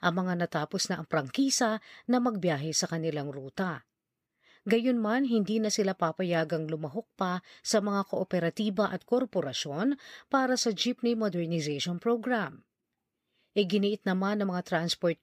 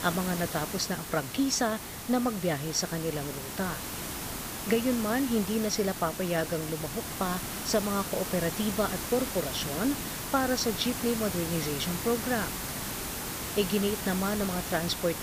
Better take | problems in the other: first | hiss; loud; throughout; 4 dB below the speech

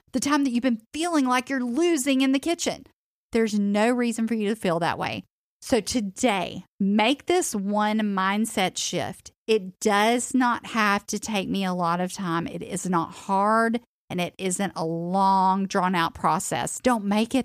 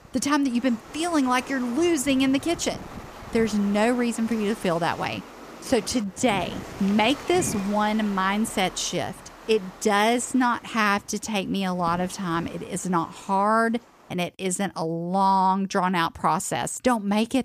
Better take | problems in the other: first | wind noise on the microphone; occasional gusts; until 14 s; 15 dB below the speech

